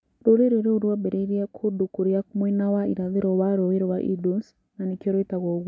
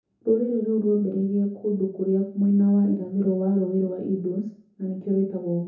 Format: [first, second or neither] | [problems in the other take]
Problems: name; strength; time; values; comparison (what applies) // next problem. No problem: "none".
first | room echo; dies away in 0.7 s